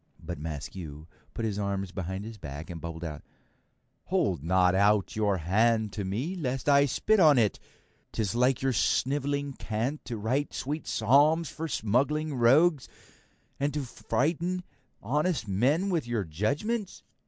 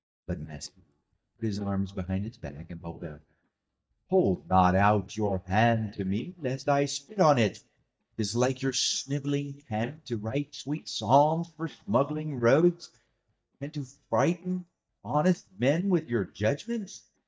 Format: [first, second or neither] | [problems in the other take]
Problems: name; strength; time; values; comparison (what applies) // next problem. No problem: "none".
first | noise reduction (neural mask model DeepFilterNet 3)